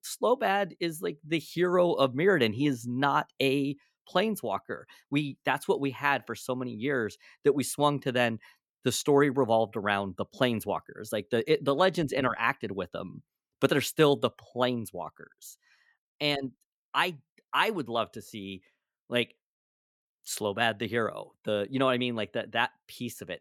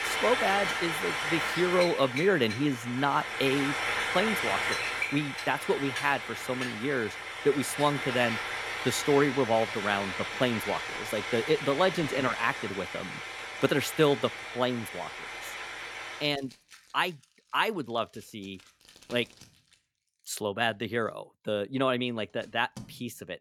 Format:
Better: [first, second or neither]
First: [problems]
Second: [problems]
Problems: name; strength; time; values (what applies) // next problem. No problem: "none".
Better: first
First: none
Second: household noises; loud; throughout; 3 dB below the speech